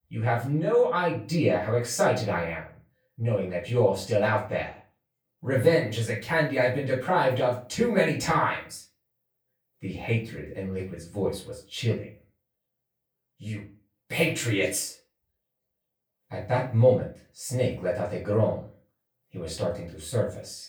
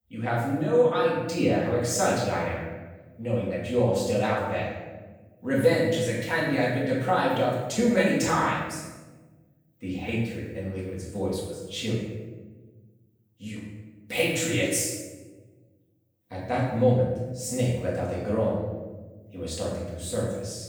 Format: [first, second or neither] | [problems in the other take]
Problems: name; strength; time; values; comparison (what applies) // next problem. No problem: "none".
first | room echo; strong; dies away in 1.1 s; slight in the first // off-mic speech; far; far in the first